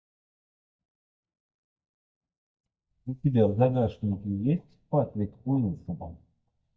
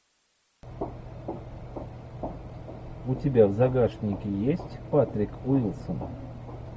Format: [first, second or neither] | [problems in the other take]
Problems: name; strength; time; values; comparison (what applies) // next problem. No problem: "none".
second | noise reduction (neural mask model DeepFilterNet 3)